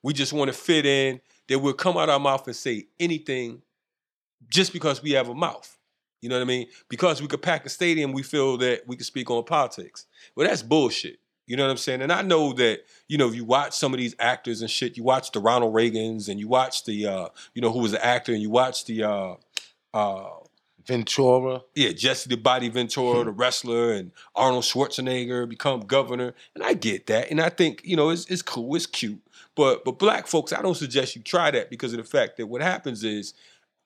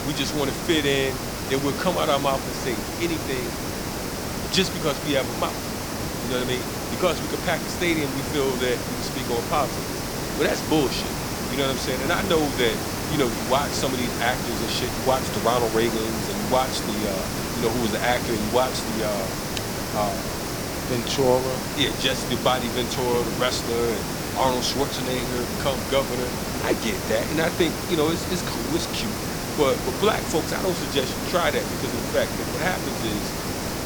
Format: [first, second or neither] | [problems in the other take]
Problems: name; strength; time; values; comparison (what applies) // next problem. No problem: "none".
first | hiss; loud; throughout; 2 dB below the speech